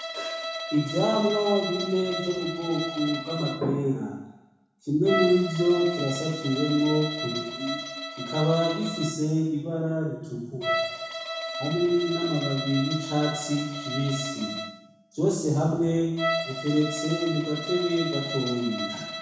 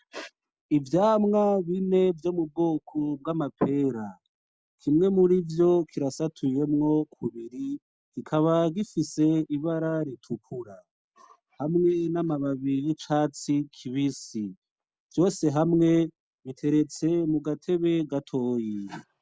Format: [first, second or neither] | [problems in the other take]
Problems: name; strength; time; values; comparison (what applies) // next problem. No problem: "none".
second | background sound (Bowed string instrument); 7 dB below the speech // room echo; dies away in 1 s